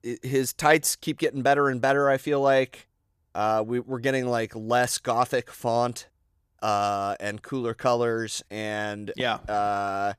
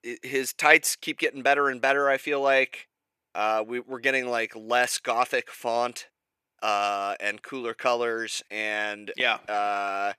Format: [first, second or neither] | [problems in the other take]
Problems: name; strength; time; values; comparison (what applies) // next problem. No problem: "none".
first | thin; somewhat; fading below 300 Hz